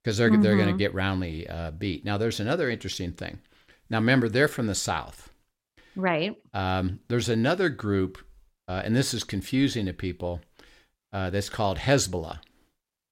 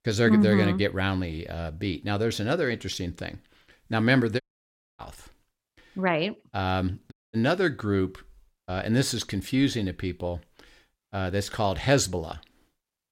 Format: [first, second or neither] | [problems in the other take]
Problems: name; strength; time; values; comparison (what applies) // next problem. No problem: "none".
first | audio cutting out; at 4.5 s for 0.5 s and at 7 s